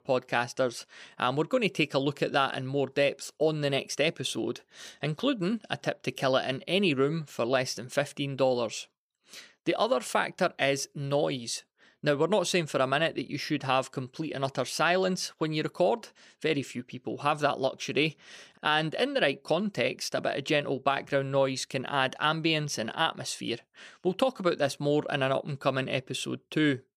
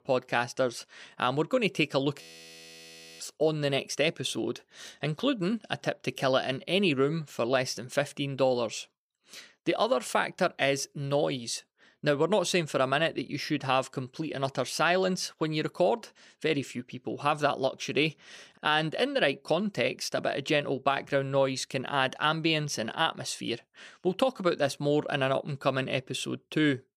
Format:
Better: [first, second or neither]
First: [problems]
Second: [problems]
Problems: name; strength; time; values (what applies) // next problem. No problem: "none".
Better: first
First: none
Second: audio freezing; at 2 s for 1 s